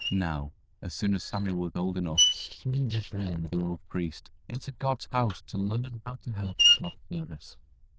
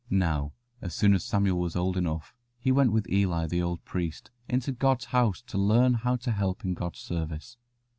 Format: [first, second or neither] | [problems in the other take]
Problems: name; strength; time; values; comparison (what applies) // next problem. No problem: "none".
second | noise reduction (neural diffusion model UNIVERSE++)